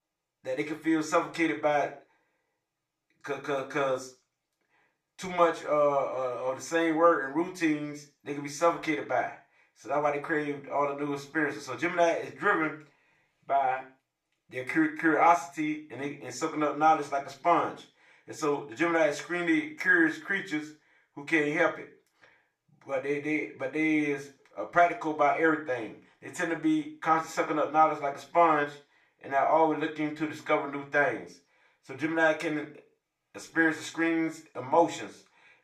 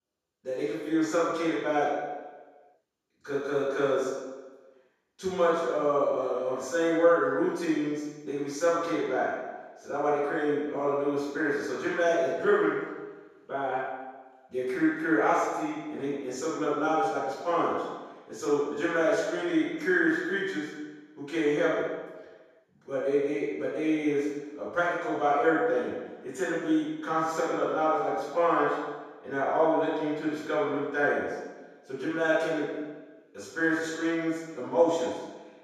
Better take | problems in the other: first | room echo; strong; dies away in 1.2 s; slight in the first // off-mic speech; far; far in the first

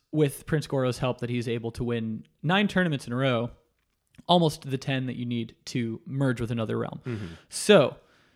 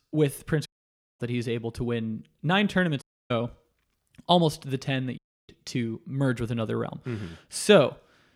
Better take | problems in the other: first | audio cutting out; at 0.5 s for 0.5 s, at 3 s and at 5 s

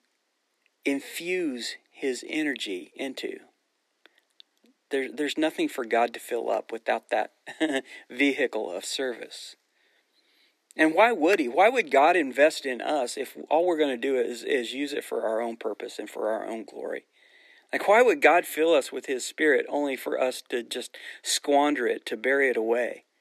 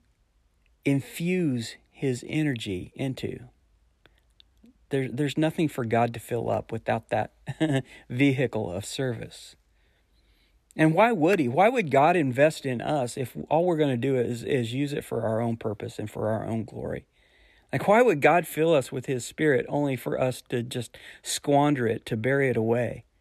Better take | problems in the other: second | thin; very slightly; fading below 300 Hz

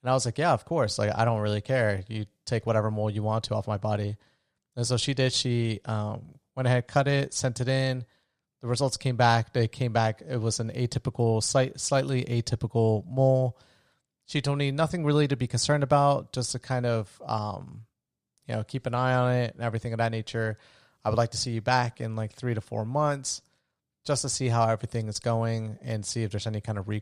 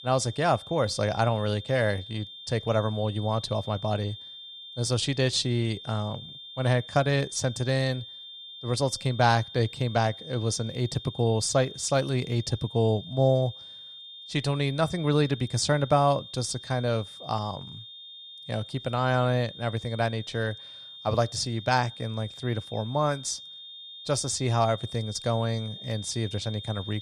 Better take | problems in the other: first | high-pitched whine; noticeable; throughout; 3.5 kHz, 15 dB below the speech

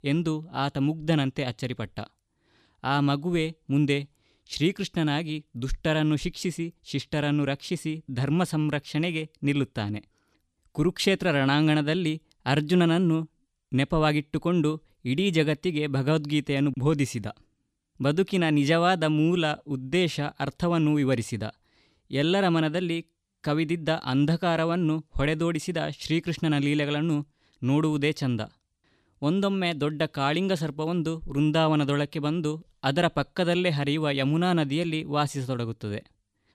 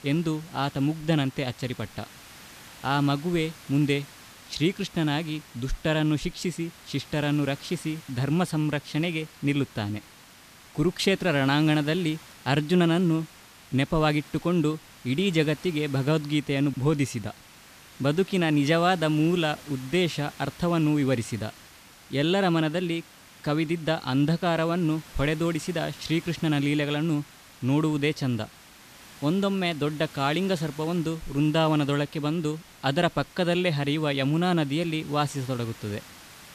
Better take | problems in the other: first | hiss; faint; throughout; 20 dB below the speech

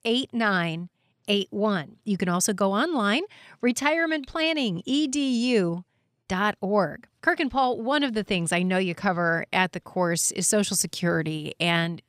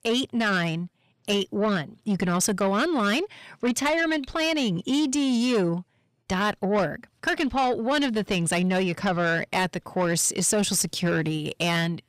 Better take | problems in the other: first | distortion; slight; 10 dB below the speech

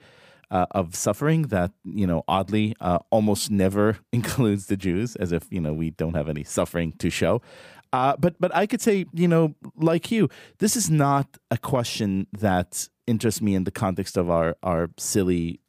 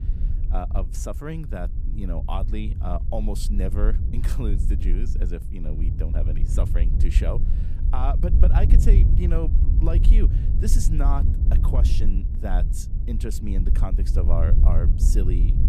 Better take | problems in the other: first | wind noise on the microphone; heavy; 6 dB below the speech

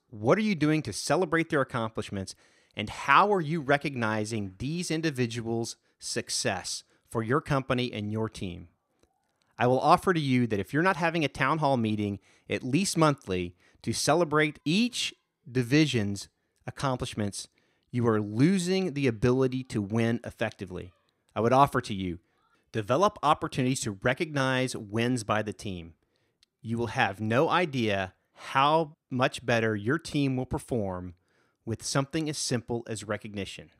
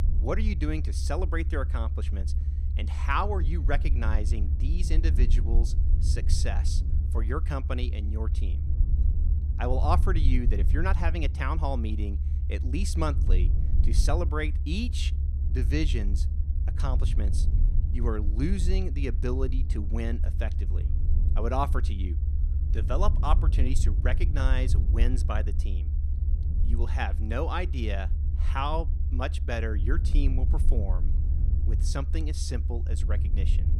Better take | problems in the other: first | low rumble; noticeable; throughout; 10 dB below the speech

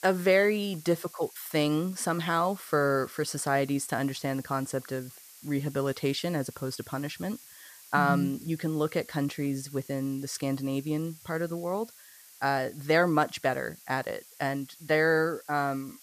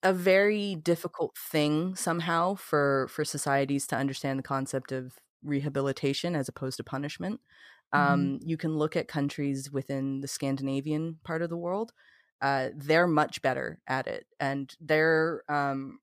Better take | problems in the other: second | hiss; noticeable; throughout; 20 dB below the speech

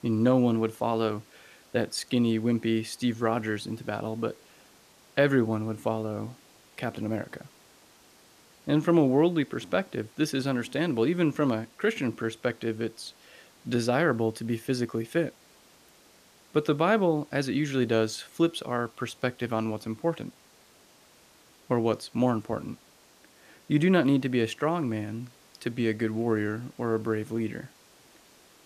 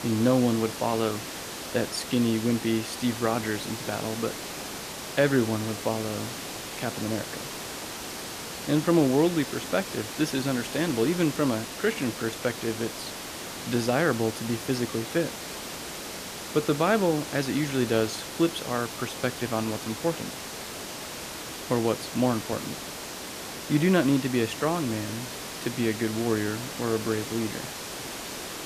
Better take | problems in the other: first | hiss; loud; throughout; 8 dB below the speech; faint in the first

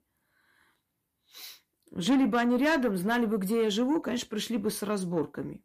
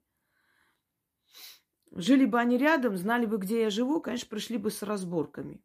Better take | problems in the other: second | distortion; slight; 10 dB below the speech

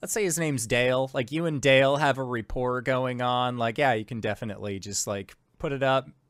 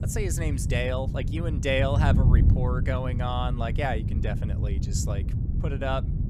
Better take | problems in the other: first | wind noise on the microphone; heavy; 9 dB below the speech

